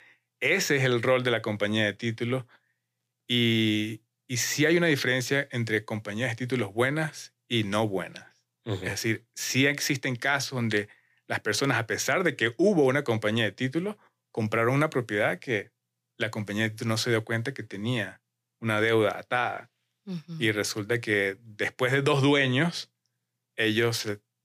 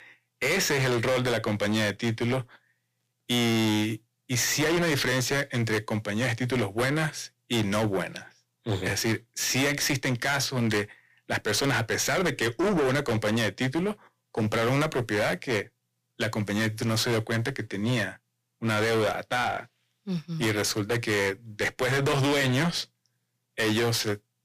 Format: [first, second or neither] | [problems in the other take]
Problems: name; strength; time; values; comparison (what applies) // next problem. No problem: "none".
first | distortion; heavy; 20% of the sound clipped